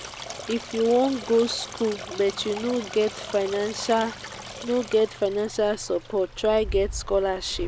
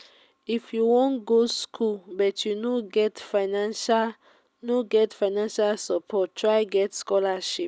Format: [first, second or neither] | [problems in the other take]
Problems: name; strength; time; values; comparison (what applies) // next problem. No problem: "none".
second | background sound (Stream); 12 dB below the speech